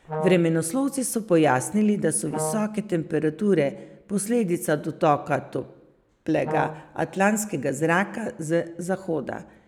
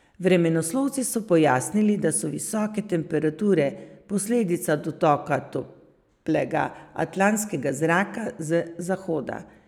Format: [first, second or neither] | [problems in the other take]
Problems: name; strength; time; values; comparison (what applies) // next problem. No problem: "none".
second | background sound (Brass instrument); 7 dB below the speech